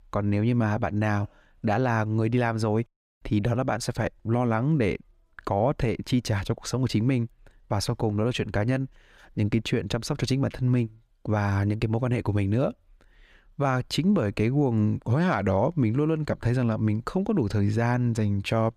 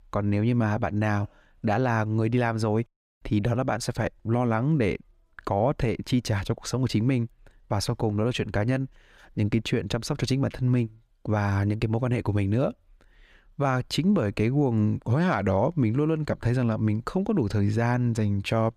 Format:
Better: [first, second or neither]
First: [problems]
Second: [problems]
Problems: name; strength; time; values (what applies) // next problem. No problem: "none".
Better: neither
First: none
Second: none